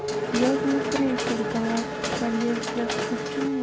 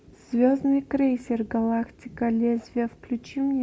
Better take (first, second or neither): second